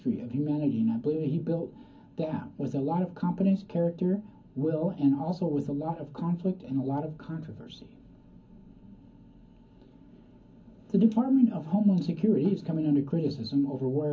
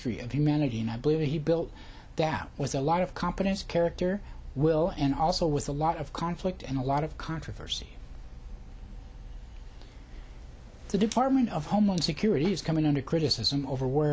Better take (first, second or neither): second